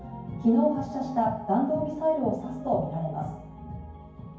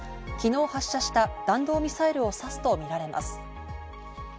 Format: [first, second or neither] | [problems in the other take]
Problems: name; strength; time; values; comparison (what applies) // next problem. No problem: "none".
second | room echo; dies away in 0.9 s